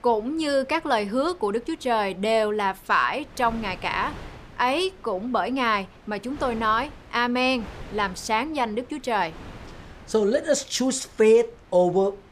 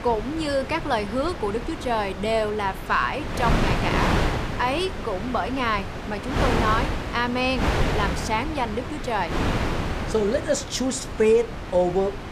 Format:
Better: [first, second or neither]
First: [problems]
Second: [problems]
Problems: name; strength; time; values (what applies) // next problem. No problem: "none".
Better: first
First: wind noise on the microphone; occasional gusts; 25 dB below the speech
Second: wind noise on the microphone; heavy; 5 dB below the speech